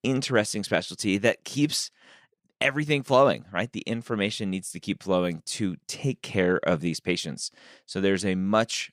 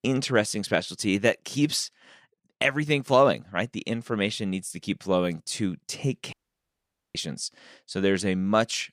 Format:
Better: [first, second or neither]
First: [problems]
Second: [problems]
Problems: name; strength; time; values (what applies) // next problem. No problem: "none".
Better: first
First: none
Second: audio cutting out; at 6.5 s for 1 s